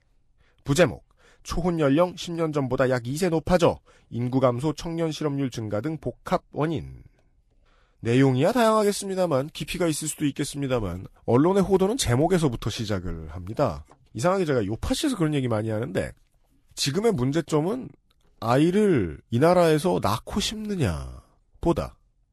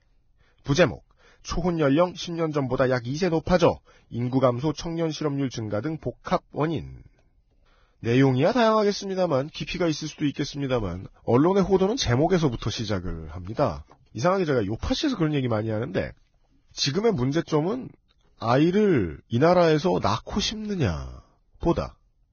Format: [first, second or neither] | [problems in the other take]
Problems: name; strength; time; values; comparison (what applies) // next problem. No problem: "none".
first | garbled, watery; badly; nothing above 6.5 kHz; slightly in the first